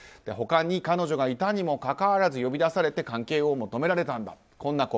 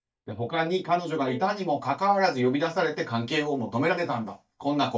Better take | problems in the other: first | noise reduction (neural mask model DeepFilterNet 3)

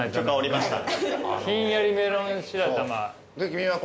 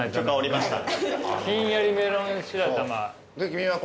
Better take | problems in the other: first | background sound (Splash, splatter); 17 dB below the speech

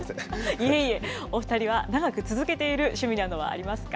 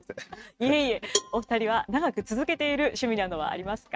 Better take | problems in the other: first | noise reduction (neural mask model RNNoise)

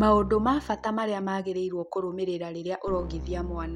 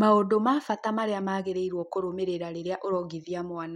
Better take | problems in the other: second | background sound (Keyboard (musical)); 12 dB below the speech

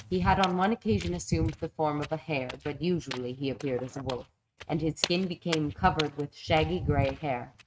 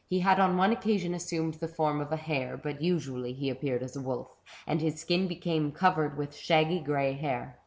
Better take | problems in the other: second | noise reduction (neural mask model RNNoise)

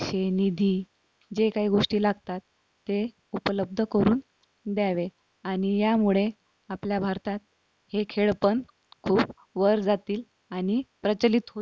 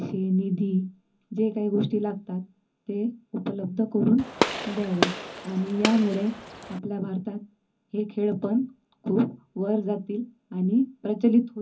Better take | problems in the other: first | background sound (Gunshot, gunfire); 3 dB below the speech // room echo; dies away in 0.3 s

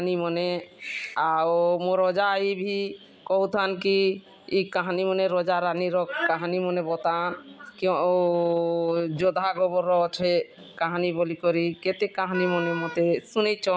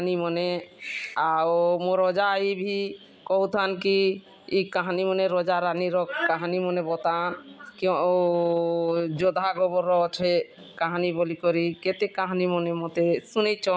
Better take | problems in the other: second | background sound (Wind instrument, woodwind instrument); 11 dB below the speech

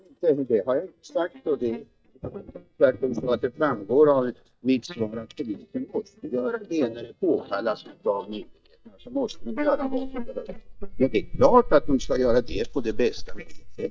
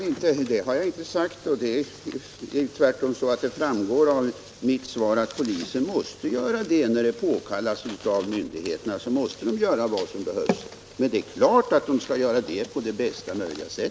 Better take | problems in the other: second | noise reduction (neural mask model DeepFilterNet 3)

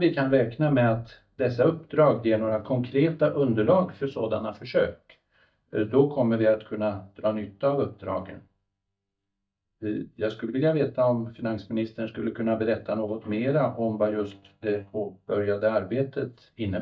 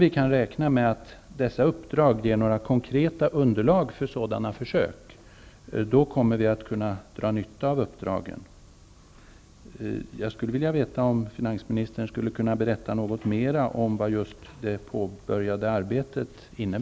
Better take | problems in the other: second | noise reduction (neural mask model DeepFilterNet 3)

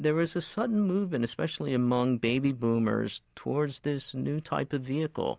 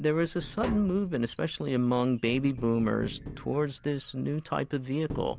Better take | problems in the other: first | background sound (Wind chime + Tap); 14 dB below the speech

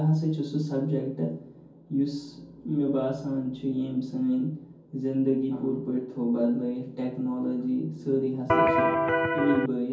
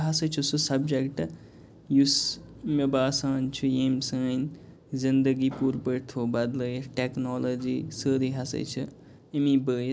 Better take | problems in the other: second | background sound (Electric guitar); 5 dB above the speech // room echo; dies away in 0.6 s

